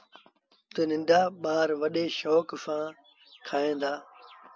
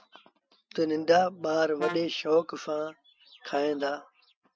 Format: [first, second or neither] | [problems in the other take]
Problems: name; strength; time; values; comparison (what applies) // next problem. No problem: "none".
first | noise reduction (neural mask model RNNoise)